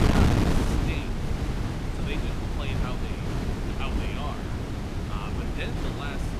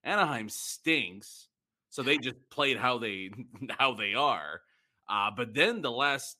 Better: second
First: wind noise on the microphone; heavy; 4 dB above the speech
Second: none

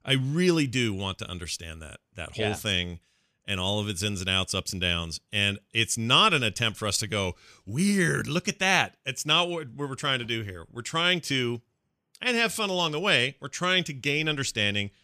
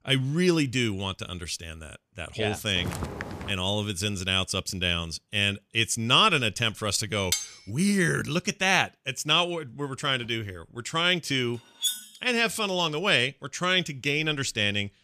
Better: first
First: none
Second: footsteps; noticeable; at 3 s; peak 8 dB below the speech // clattering dishes; noticeable; at 7.5 s and at 12 s; peak 2 dB below the speech

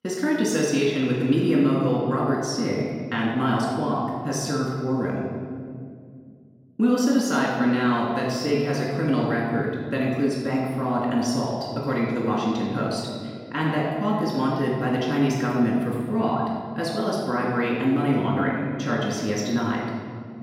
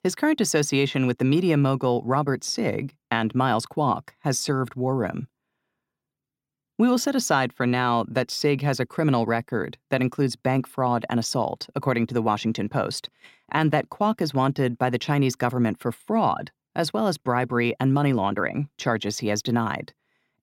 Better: second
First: off-mic speech; far // room echo; noticeable; dies away in 2 s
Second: none

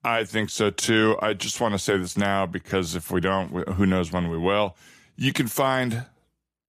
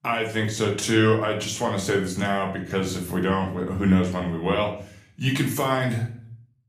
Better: first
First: none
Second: room echo; slight; dies away in 0.5 s // off-mic speech; somewhat distant

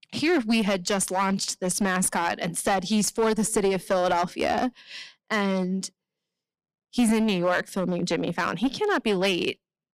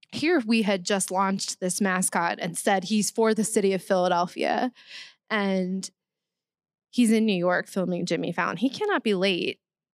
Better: second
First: distortion; slight; 8% of the sound clipped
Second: none

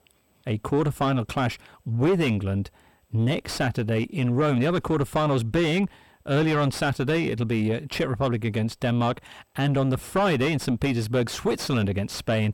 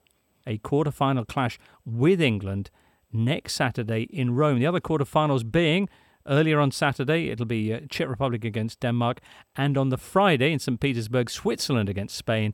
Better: second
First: distortion; heavy; 6 dB below the speech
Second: none

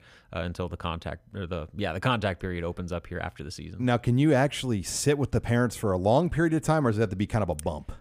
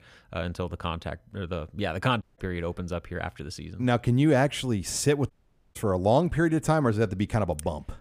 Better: first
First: none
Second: audio cutting out; at 2 s and at 5.5 s

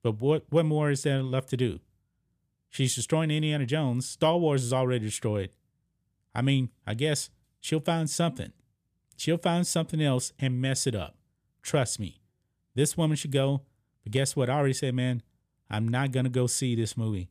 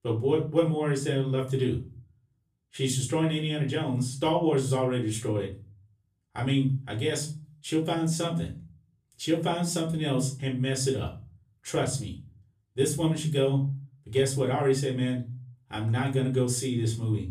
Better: first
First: none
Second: off-mic speech; far // room echo; slight; dies away in 0.4 s

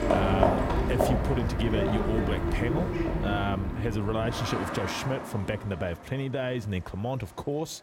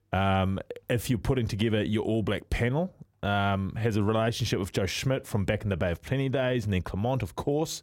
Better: second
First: animal sounds; very loud; throughout; 2 dB above the speech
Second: none

